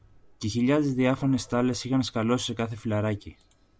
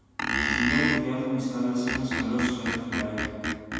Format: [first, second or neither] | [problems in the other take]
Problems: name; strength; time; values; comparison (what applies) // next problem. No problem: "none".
first | background sound (Screech); 1 dB below the speech // room echo; dies away in 2 s